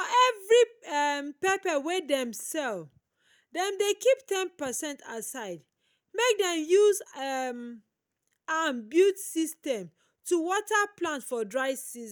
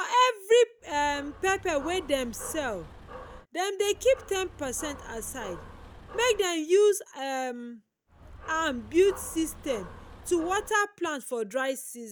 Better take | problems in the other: first | background sound (Dog); 16 dB below the speech

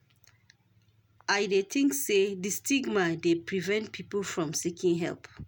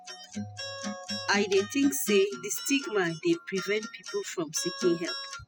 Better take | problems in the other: first | noise reduction (classical method spectral subtraction)

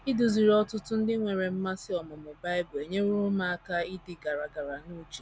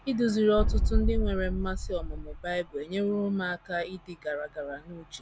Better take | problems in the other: first | background sound (Boom); 2 dB above the speech

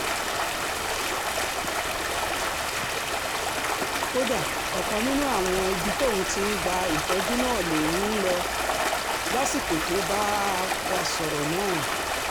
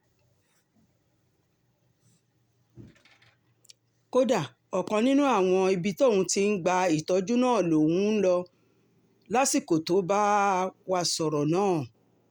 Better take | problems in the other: second | background sound (Stream); 3 dB above the speech

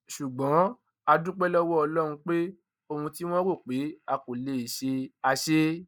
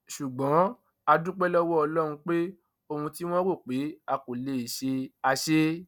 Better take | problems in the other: second | noise reduction (neural mask model Resemble Enhance denoiser)

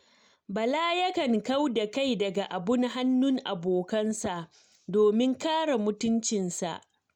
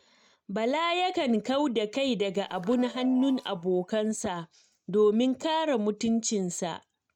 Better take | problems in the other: first | noise reduction (neural mask model RNNoise)

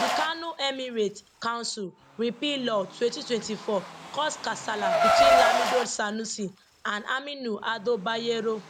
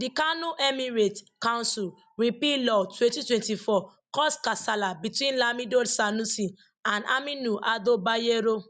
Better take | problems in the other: second | background sound (Car); 1 dB above the speech

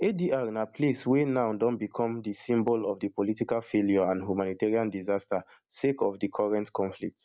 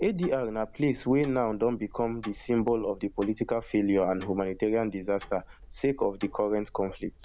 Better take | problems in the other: first | background sound (Tick-tock); 19 dB below the speech

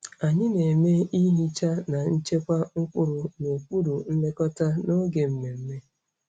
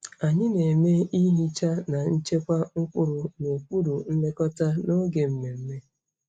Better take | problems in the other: first | noise reduction (neural mask model Resemble Enhance denoiser)

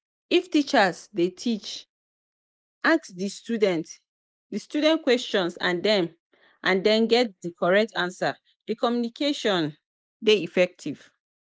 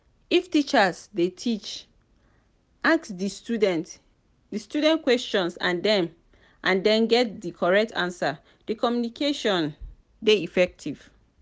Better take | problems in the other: second | noise reduction (neural mask model Resemble Enhance denoiser)

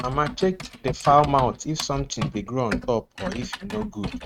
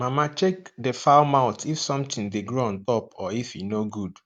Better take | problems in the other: second | noise reduction (neural mask model RNNoise)

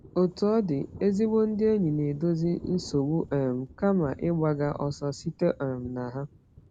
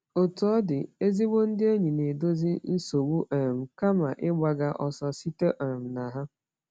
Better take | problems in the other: second | background sound (Thunder); 20 dB below the speech

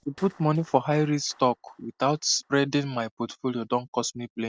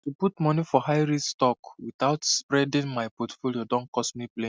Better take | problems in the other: second | noise reduction (neural separator model SepFormer DNS4)

